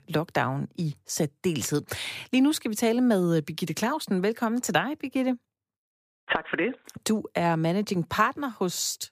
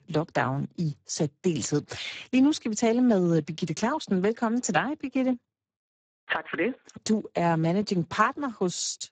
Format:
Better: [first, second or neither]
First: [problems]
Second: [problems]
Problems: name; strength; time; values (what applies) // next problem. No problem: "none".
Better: first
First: none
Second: garbled, watery; badly; nothing above 7.5 kHz